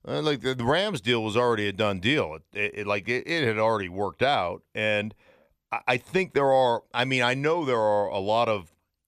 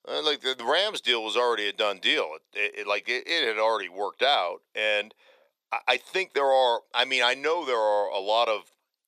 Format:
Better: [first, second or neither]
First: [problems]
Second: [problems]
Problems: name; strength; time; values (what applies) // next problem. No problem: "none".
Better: first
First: none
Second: thin; very; fading below 400 Hz